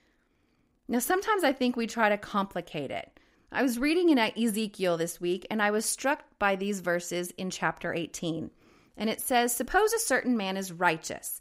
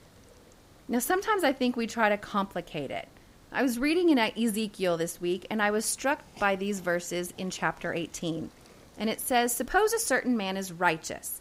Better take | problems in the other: first | hiss; faint; throughout; 25 dB below the speech

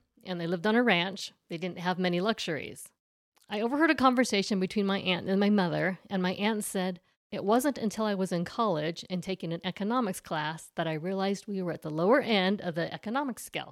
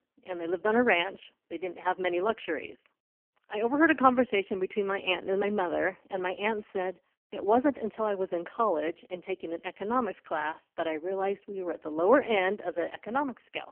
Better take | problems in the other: first | phone-call audio; poor line; nothing above 3 kHz

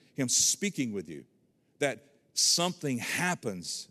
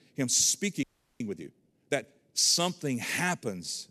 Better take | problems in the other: first | audio freezing; at 1 s

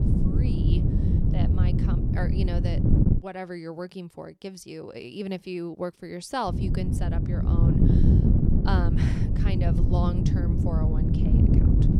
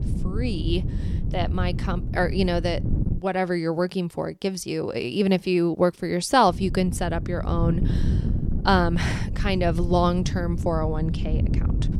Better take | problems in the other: second | wind noise on the microphone; heavy; until 3 s and from 6.5 s on; 2 dB above the speech; occasional gusts in the second

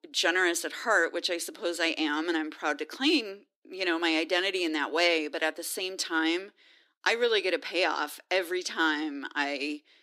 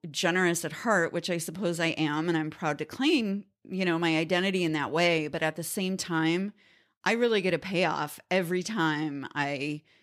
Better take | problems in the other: second | thin; somewhat; fading below 300 Hz

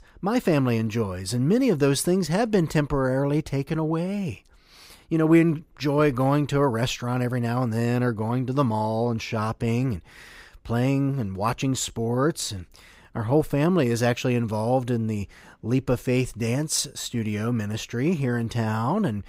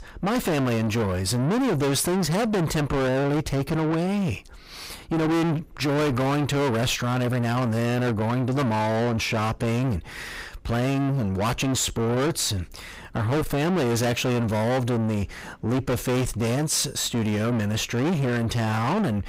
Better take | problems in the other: first | distortion; heavy; 6 dB below the speech

